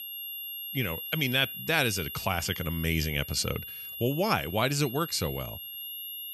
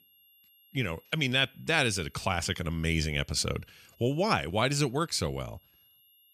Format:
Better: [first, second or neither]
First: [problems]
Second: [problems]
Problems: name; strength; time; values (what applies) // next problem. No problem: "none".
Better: second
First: high-pitched whine; loud; throughout; 11.5 kHz, 8 dB below the speech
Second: high-pitched whine; faint; throughout; 11.5 kHz, 30 dB below the speech